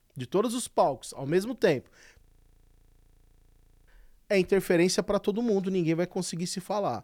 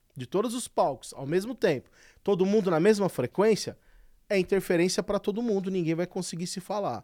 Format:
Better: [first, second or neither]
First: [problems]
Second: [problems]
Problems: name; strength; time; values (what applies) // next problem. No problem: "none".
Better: second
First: audio freezing; at 2 s for 1.5 s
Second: none